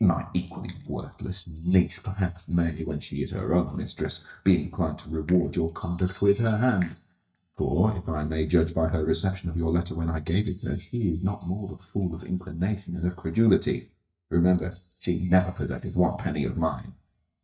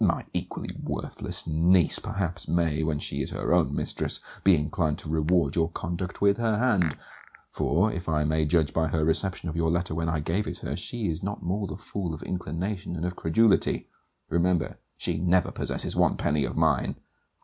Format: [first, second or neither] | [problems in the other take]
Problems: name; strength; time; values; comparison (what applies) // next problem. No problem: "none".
second | noise reduction (neural mask model DeepFilterNet 3)